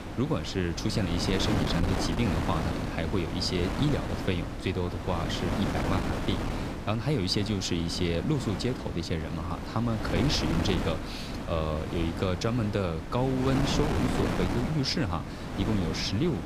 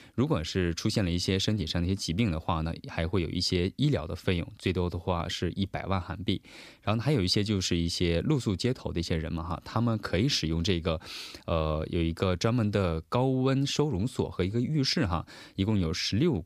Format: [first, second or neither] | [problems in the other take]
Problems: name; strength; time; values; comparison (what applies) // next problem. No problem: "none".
second | wind noise on the microphone; heavy; 3 dB below the speech